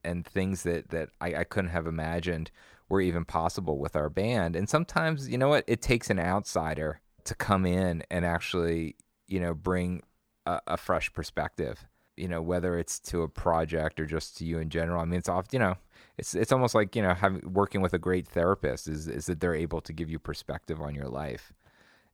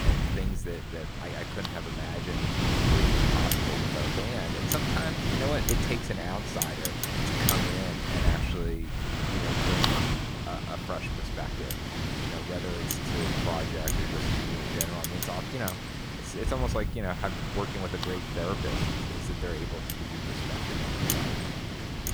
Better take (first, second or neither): first